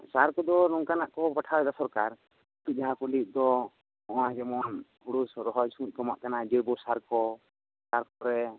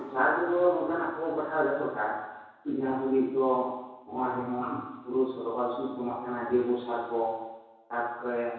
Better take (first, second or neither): first